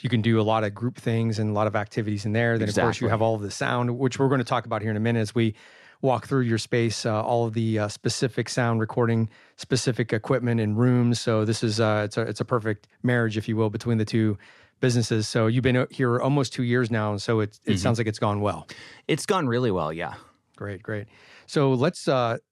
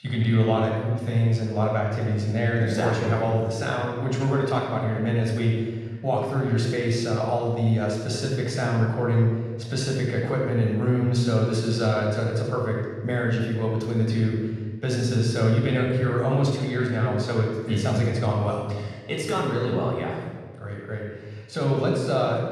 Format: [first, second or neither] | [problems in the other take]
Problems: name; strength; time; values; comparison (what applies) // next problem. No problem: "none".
first | off-mic speech; far // room echo; noticeable; dies away in 1.5 s